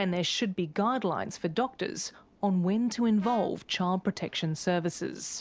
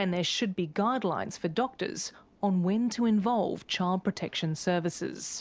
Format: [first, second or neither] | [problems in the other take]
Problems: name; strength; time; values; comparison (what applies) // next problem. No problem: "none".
second | background sound (Brass instrument); 20 dB below the speech